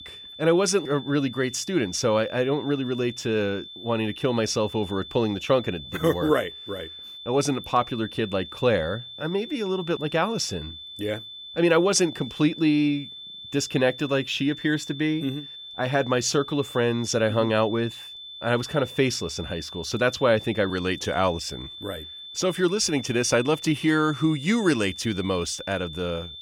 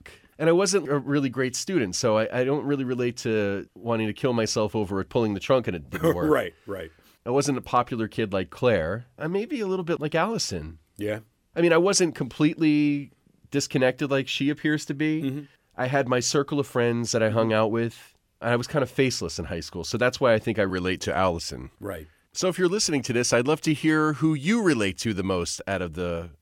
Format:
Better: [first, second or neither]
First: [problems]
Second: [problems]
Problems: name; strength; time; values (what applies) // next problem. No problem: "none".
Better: second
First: high-pitched whine; noticeable; throughout; 3.5 kHz, 15 dB below the speech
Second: none